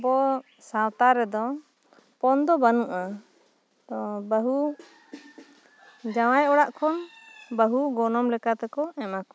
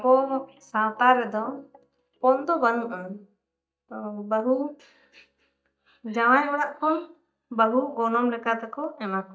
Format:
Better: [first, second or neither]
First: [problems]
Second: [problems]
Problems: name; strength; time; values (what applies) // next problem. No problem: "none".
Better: first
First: none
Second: noise reduction (neural mask model DeepFilterNet 3)